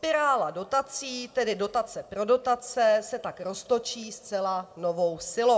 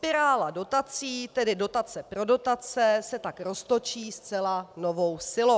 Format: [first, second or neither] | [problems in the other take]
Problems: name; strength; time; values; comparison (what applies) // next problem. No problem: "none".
second | room echo; dies away in 1.3 s